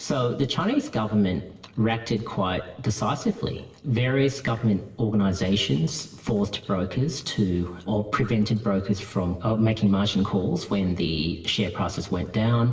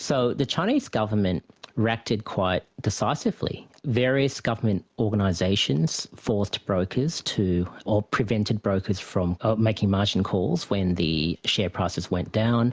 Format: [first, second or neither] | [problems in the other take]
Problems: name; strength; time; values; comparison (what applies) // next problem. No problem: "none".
second | room echo; dies away in 1.4 s